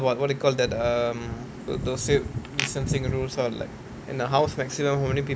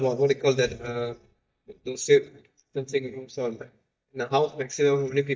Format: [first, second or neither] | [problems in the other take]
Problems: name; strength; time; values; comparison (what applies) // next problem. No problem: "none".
first | noise reduction (neural mask model DeepFilterNet 3)